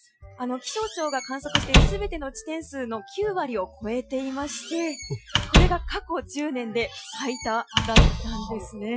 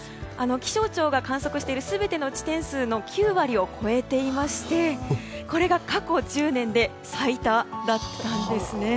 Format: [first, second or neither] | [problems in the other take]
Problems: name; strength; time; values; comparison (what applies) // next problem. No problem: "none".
second | noise reduction (classical method Wiener filter)